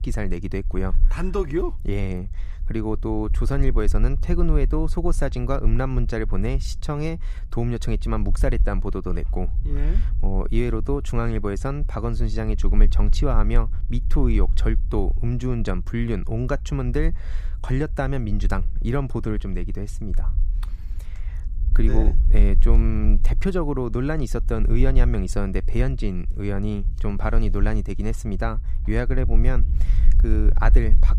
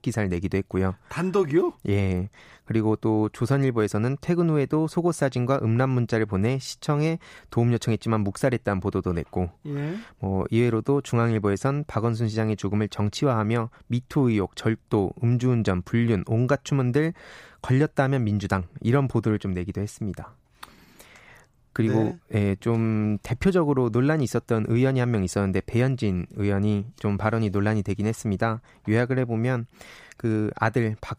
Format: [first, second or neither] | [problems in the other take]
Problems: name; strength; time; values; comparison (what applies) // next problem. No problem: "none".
second | low rumble; noticeable; throughout; 20 dB below the speech